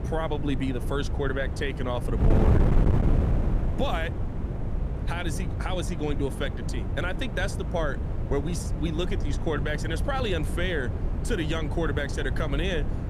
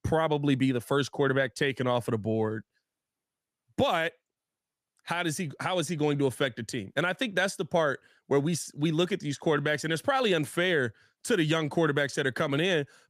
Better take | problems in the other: second | wind noise on the microphone; heavy; 7 dB below the speech

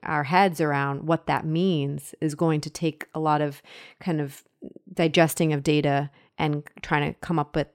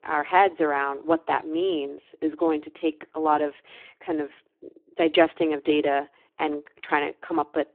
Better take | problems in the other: first | phone-call audio; poor line

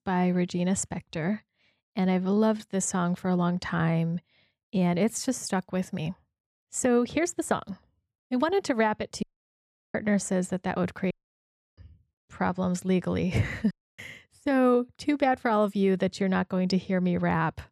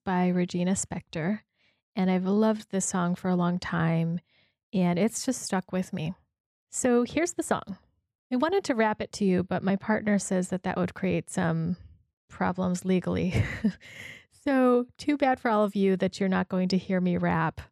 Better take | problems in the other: second | audio cutting out; at 9 s for 0.5 s, at 11 s for 0.5 s and at 14 s

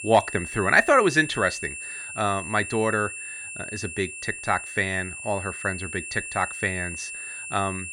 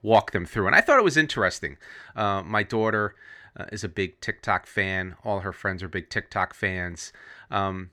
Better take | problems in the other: second | high-pitched whine; loud; throughout; 2.5 kHz, 9 dB below the speech

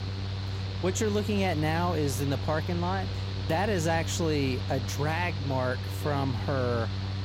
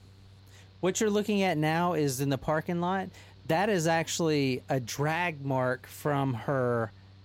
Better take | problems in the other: second | machinery noise; loud; throughout; 3 dB below the speech; faint in the second

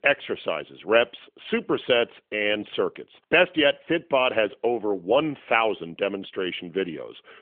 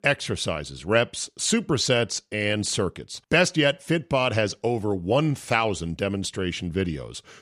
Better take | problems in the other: second | phone-call audio; nothing above 3 kHz

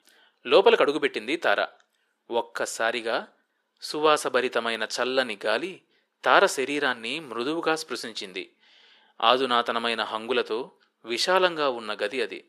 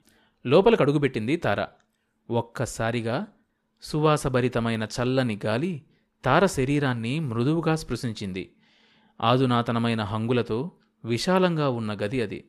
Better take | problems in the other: second | thin; very; fading below 400 Hz

